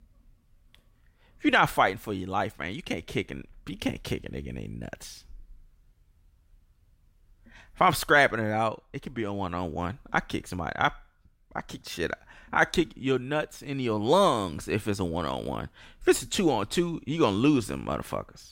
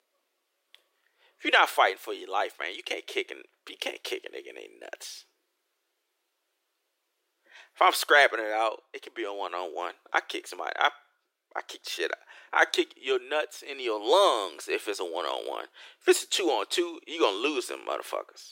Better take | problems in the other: first | thin; very; fading below 350 Hz

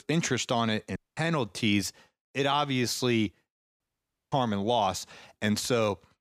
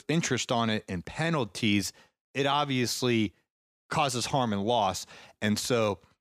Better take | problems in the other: second | audio cutting out; at 1 s and at 4 s for 0.5 s

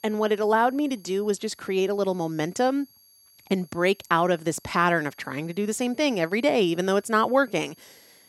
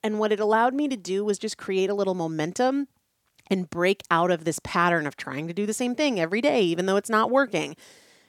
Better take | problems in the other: second | high-pitched whine; faint; throughout; 11.5 kHz, 30 dB below the speech

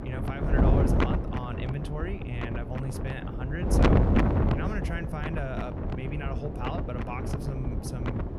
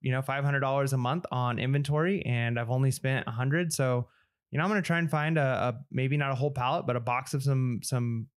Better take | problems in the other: second | wind noise on the microphone; heavy; 4 dB above the speech

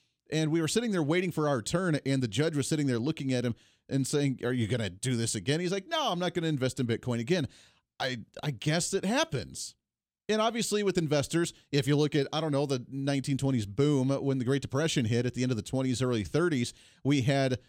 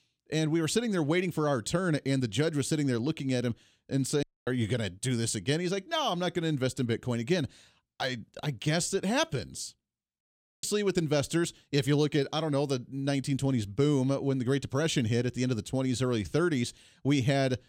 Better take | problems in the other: first | audio cutting out; at 4 s and at 10 s

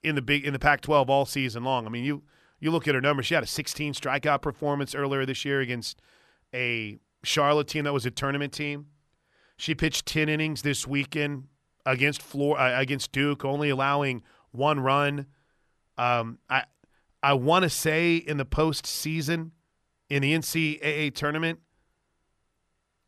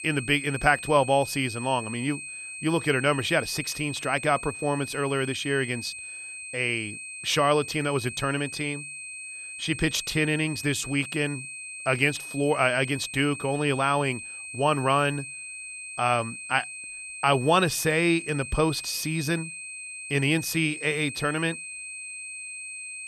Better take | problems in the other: first | high-pitched whine; loud; throughout; 2.5 kHz, 10 dB below the speech

